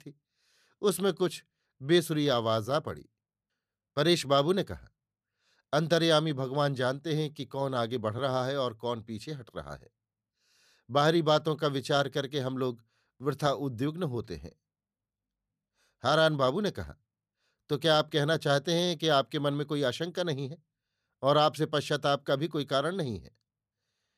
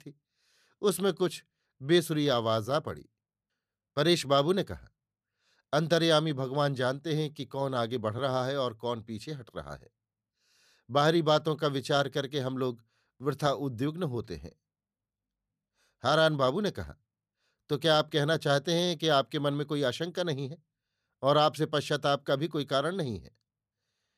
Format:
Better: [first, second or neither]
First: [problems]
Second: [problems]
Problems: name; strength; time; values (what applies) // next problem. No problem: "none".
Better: neither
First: none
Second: none